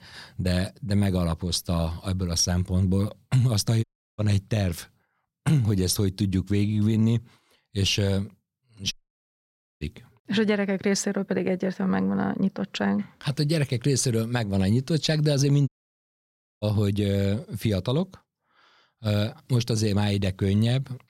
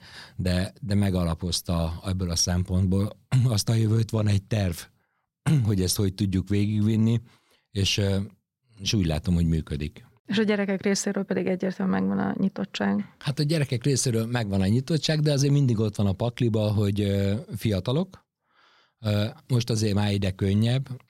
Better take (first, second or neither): second